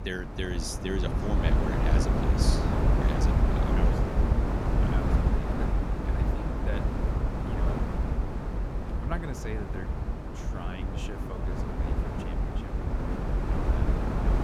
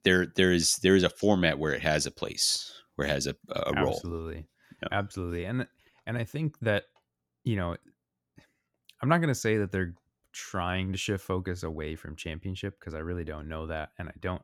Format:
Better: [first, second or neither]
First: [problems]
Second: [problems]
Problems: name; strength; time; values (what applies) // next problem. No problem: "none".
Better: second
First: wind noise on the microphone; heavy; 5 dB above the speech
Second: none